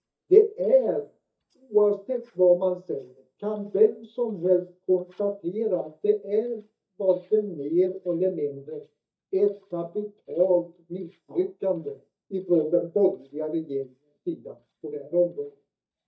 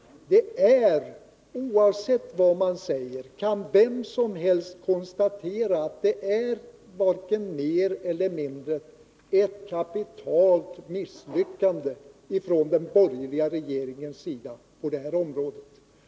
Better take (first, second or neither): second